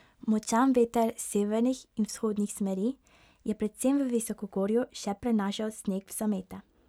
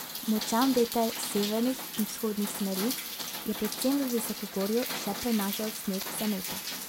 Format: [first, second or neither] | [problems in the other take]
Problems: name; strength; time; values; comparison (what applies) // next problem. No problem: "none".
first | background sound (Rain); 6 dB below the speech